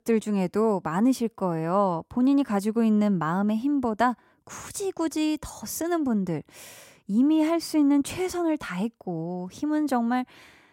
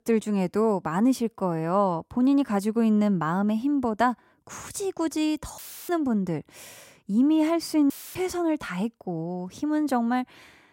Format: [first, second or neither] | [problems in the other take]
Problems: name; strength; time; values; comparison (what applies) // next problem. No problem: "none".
first | audio cutting out; filled with static; at 5.5 s and at 8 s